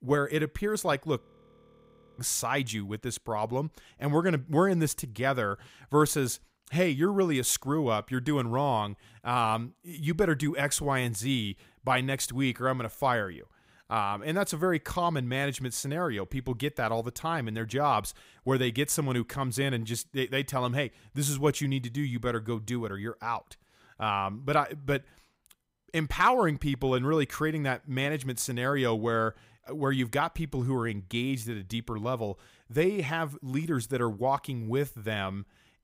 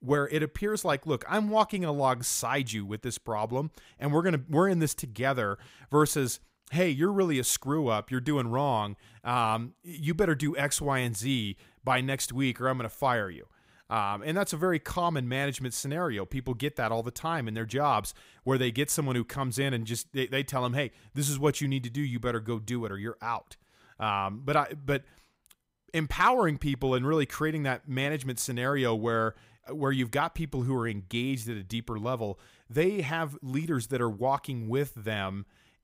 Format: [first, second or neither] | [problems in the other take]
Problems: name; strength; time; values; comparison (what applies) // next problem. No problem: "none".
second | audio freezing; at 1 s for 1 s